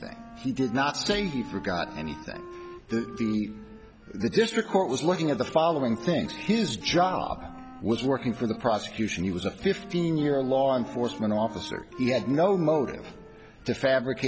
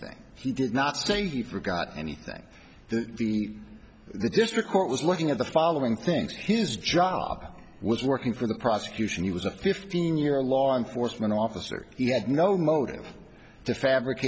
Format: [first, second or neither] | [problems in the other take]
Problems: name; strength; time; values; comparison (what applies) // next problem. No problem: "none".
second | background sound (Wind instrument, woodwind instrument); 18 dB below the speech